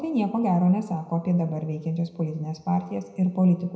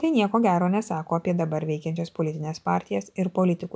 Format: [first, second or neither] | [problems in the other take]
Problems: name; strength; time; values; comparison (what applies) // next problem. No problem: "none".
second | room echo; dies away in 0.7 s